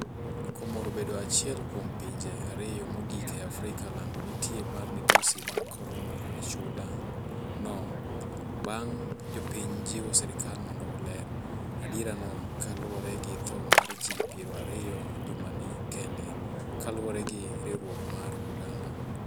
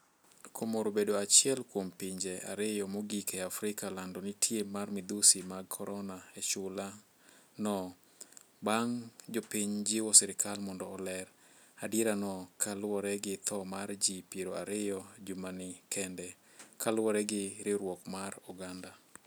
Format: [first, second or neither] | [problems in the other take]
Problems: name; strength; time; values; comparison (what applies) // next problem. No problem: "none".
second | background sound (Splash, splatter); 5 dB above the speech